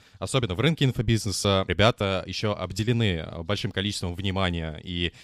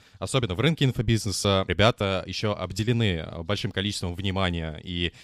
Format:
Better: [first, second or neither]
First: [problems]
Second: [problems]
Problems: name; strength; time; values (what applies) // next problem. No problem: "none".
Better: neither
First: none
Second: none